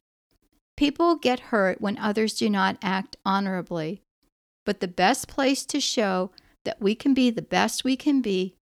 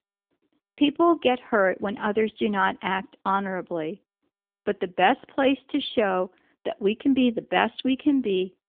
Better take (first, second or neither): first